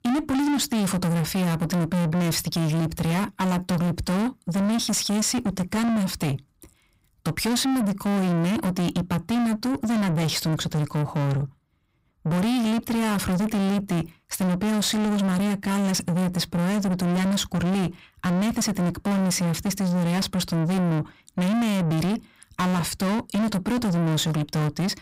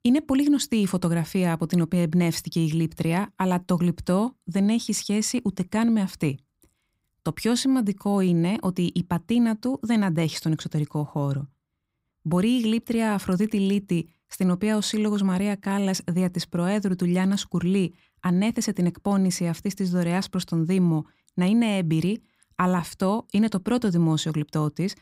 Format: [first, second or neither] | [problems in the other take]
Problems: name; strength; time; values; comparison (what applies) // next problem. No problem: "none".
second | distortion; heavy; 7 dB below the speech